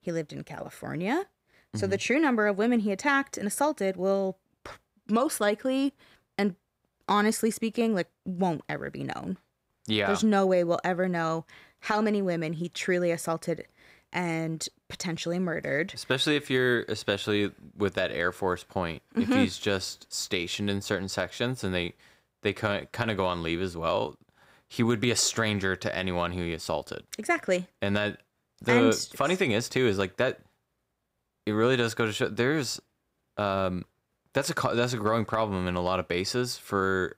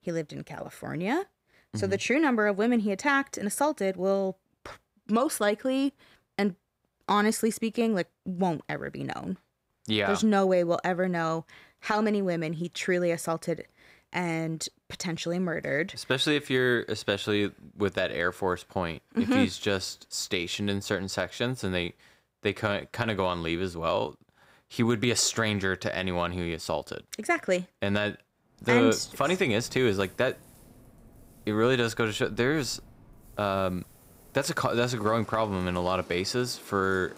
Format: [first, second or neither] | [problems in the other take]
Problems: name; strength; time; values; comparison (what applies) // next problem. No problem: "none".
first | rain or running water; faint; from 29 s on; 25 dB below the speech